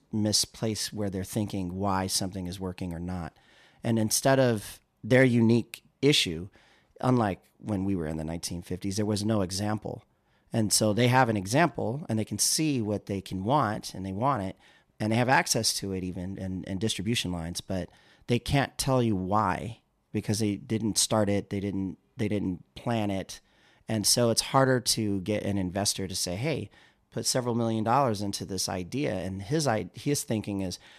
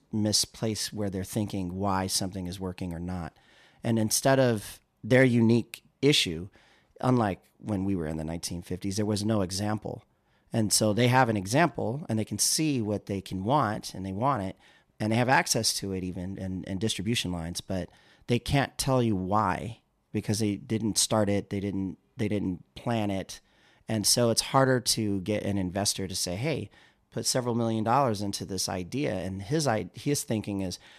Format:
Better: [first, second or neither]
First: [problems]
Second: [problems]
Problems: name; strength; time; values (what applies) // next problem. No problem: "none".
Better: neither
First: none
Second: none